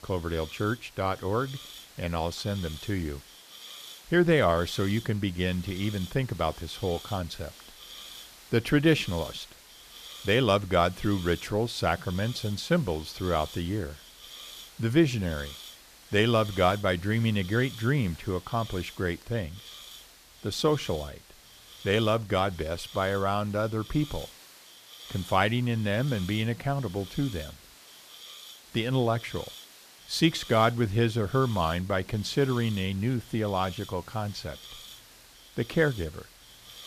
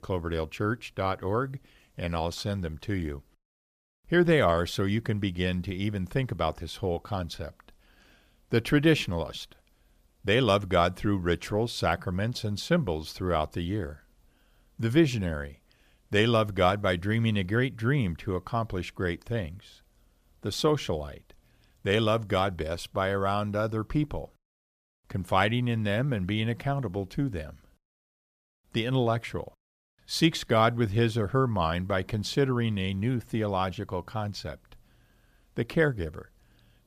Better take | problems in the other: second | hiss; noticeable; throughout; 15 dB below the speech

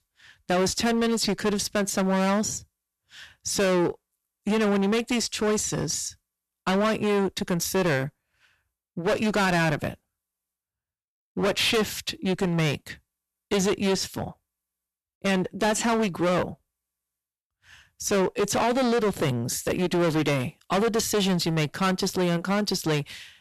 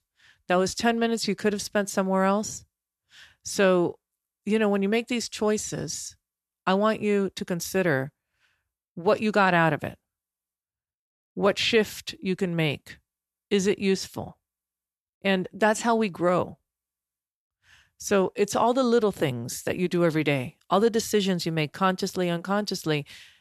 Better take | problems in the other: second | distortion; heavy; 16% of the sound clipped

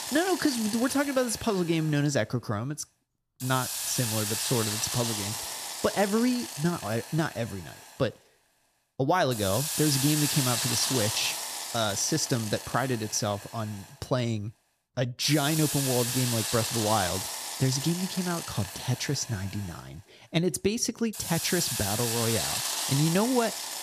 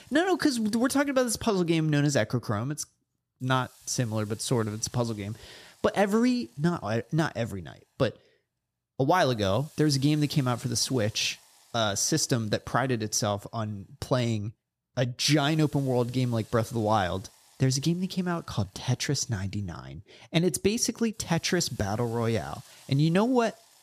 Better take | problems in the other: second | hiss; loud; throughout; 2 dB below the speech; faint in the second

